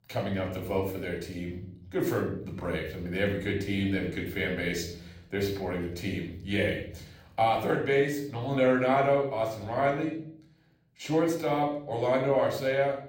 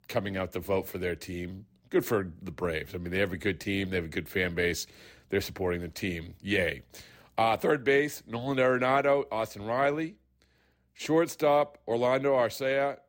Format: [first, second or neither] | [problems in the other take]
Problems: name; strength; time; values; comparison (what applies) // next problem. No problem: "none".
second | off-mic speech; somewhat distant // room echo; slight; dies away in 0.7 s